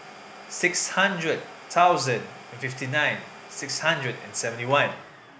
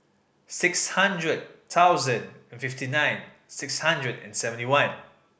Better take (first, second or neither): second